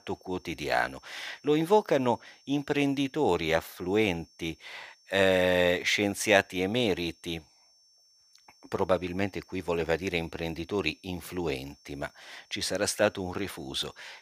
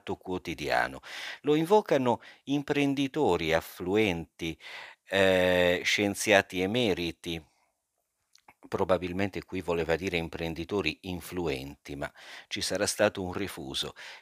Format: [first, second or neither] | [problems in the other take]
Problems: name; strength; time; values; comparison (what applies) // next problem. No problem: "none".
second | high-pitched whine; faint; throughout; 5.5 kHz, 30 dB below the speech